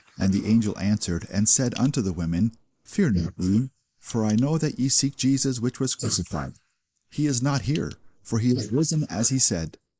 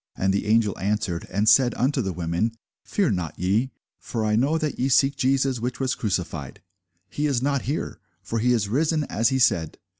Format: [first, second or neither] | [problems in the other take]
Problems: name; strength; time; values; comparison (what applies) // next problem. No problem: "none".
second | noise reduction (neural mask model Resemble Enhance denoiser)